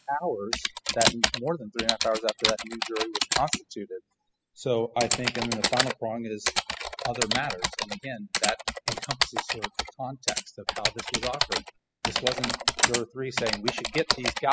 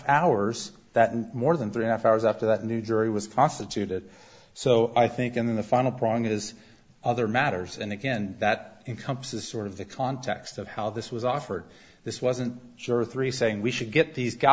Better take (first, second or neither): second